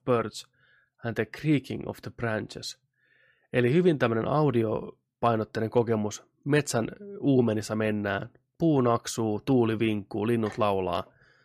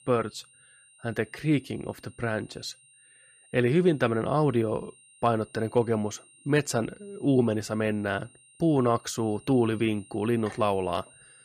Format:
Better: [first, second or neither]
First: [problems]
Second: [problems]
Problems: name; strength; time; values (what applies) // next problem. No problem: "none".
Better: first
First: none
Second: high-pitched whine; faint; throughout; 9 kHz, 25 dB below the speech